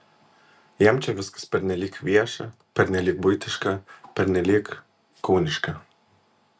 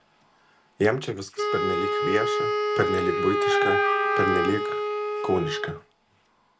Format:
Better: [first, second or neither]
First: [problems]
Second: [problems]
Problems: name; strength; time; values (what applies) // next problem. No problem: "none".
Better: first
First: none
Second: background sound (Wind instrument, woodwind instrument + Wind instrument, woodwind instrument); 2 dB above the speech